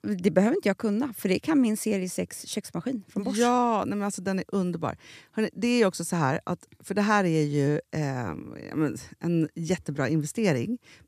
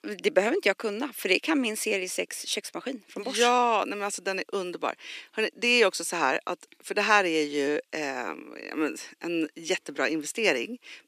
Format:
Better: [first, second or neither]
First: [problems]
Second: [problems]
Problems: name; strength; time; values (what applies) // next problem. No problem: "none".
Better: first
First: none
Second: thin; somewhat; fading below 300 Hz